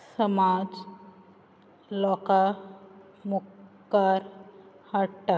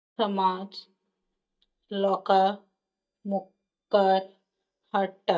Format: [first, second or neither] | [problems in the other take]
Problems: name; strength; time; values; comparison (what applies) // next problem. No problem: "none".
first | noise reduction (neural mask model DeepFilterNet 3)